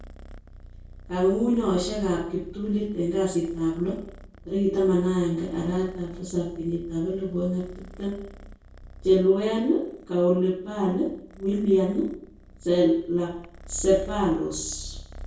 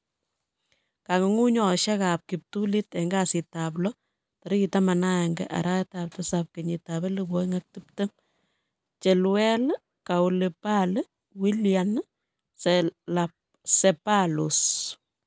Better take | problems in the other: second | background sound (Purr); 17 dB below the speech // room echo; dies away in 0.6 s

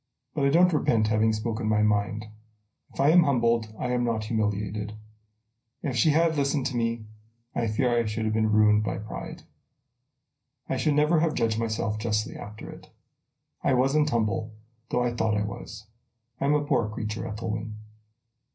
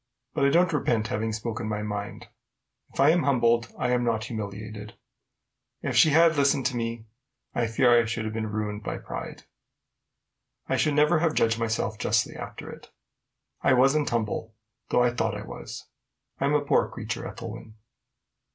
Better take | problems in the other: second | room echo; dies away in 0.4 s

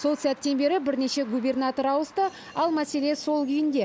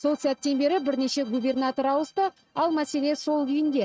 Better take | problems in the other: first | noise reduction (neural mask model RNNoise)

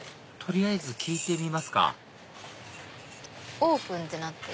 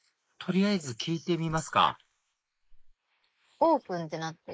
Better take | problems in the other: first | noise reduction (neural mask model Resemble Enhance denoiser)

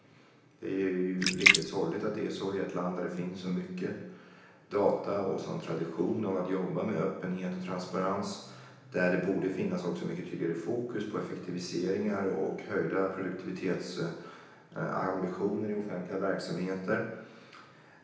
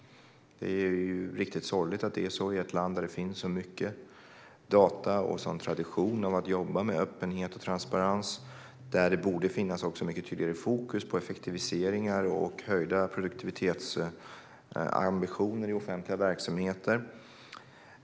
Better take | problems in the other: second | background sound (Splash, splatter); 3 dB above the speech // room echo; dies away in 0.9 s

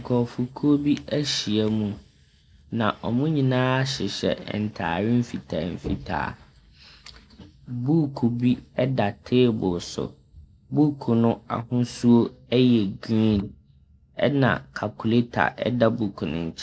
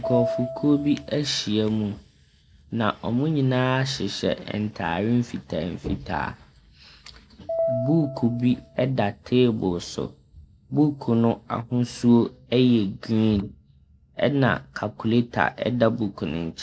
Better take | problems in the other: first | background sound (Piano); 7 dB below the speech

